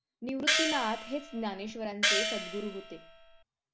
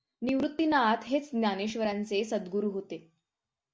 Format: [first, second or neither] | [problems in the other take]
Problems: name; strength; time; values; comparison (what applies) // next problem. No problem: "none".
second | background sound (Gong); 4 dB above the speech